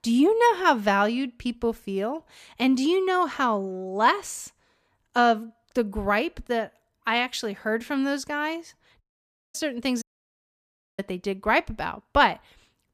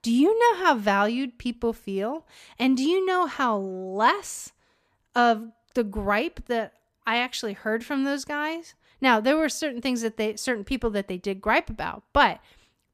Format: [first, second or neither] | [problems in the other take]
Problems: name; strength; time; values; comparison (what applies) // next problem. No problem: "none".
second | audio cutting out; at 9 s for 0.5 s and at 10 s for 1 s